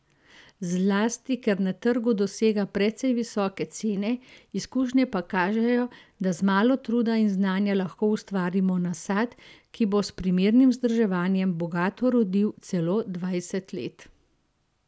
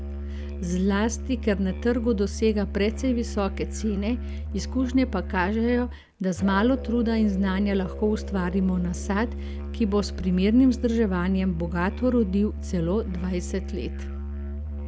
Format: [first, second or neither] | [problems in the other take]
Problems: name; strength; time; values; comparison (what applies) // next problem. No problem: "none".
first | background sound (Musical instrument); 7 dB below the speech